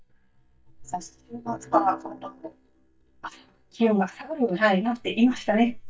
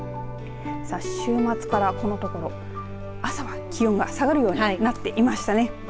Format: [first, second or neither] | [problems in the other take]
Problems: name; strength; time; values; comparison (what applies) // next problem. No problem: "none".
second | noise reduction (neural mask model DeepFilterNet 3)